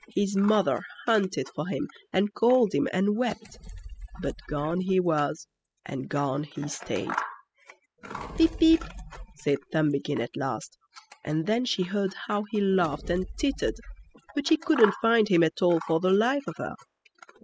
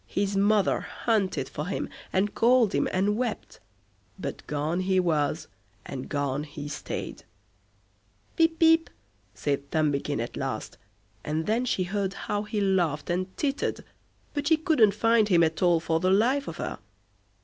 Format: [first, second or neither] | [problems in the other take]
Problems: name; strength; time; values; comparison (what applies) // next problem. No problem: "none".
second | noise reduction (classical method spectral subtraction)